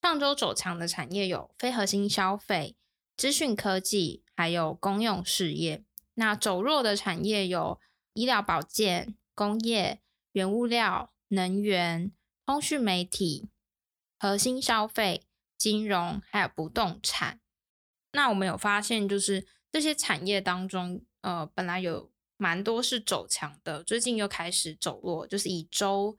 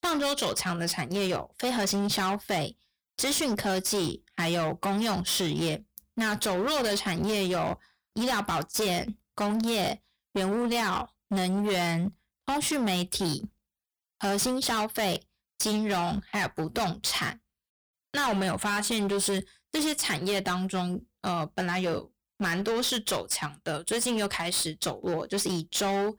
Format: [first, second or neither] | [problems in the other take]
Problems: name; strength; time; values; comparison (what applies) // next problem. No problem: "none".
first | distortion; heavy; 22% of the sound clipped